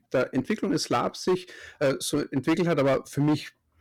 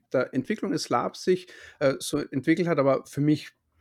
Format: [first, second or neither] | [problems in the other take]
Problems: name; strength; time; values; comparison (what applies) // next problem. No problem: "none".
second | distortion; slight; 10% of the sound clipped